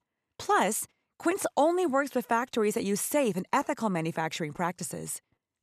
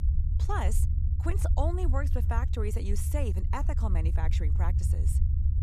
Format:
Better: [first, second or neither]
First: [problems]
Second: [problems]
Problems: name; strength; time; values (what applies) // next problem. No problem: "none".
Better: first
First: none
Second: low rumble; loud; throughout; 8 dB below the speech